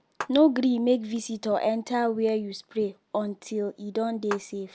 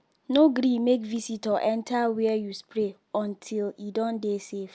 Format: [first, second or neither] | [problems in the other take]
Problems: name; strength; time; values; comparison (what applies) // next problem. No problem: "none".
second | background sound (Clapping); 12 dB below the speech